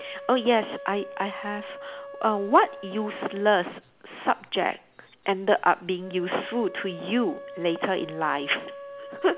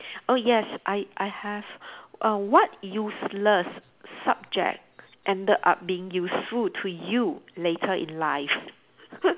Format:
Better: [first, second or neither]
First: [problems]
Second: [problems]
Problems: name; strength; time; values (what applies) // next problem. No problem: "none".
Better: second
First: background sound (Wind instrument, woodwind instrument); 15 dB below the speech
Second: none